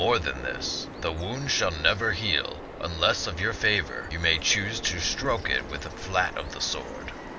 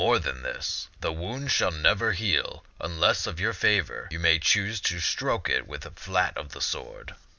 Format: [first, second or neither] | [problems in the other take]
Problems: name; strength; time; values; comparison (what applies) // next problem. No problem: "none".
second | background sound (Bird vocalization, bird call, bird song); 11 dB below the speech